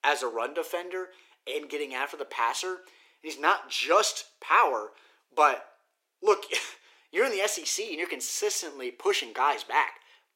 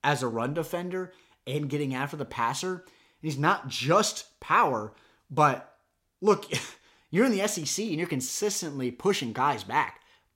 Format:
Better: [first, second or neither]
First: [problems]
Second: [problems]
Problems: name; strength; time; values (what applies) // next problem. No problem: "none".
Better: second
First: thin; very; fading below 350 Hz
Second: none